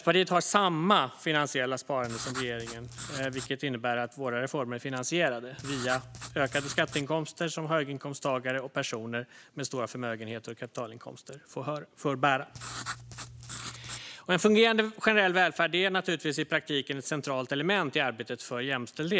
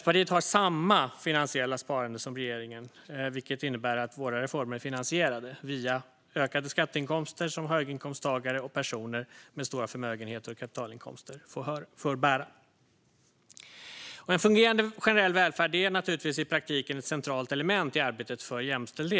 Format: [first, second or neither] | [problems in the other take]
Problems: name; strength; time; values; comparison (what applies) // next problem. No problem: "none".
second | background sound (Writing); 12 dB below the speech